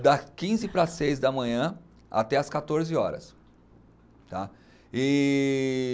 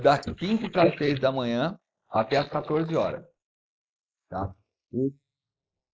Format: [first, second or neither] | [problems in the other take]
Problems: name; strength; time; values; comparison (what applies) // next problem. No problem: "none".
first | noise reduction (neural mask model Resemble Enhance denoiser)